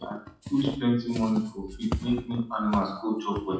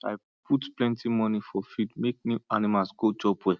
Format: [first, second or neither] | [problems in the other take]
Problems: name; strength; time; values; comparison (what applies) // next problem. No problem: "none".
second | noise reduction (classical method WPE with log-MMSE)